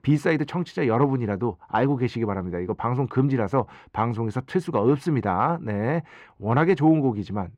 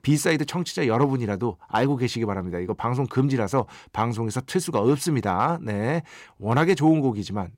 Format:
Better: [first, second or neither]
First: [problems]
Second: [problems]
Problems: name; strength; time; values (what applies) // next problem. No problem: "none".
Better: second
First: muffled; slightly; fading above 4 kHz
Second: none